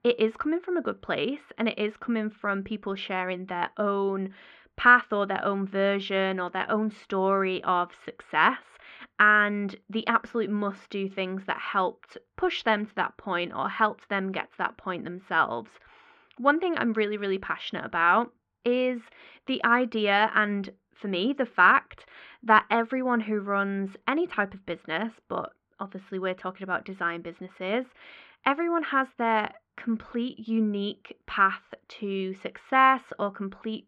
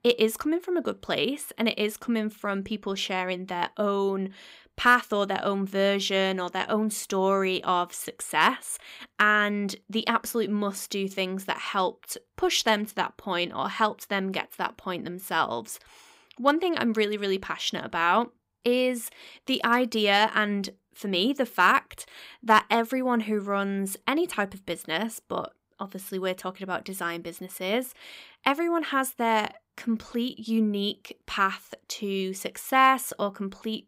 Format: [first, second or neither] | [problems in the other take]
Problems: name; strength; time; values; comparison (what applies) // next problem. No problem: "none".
second | muffled; very; fading above 2.5 kHz